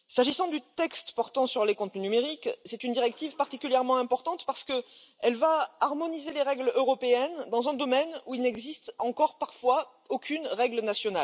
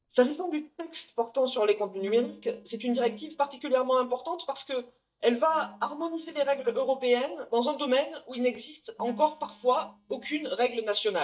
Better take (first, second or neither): first